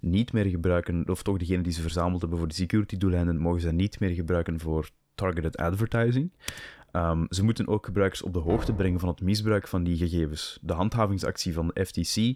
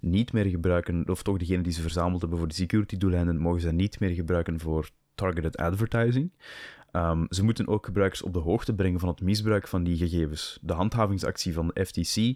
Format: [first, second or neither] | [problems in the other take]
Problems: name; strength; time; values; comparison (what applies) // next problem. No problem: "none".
second | keyboard typing; very faint; at 6.5 s; peak 10 dB below the speech // door banging; noticeable; at 8.5 s; peak 8 dB below the speech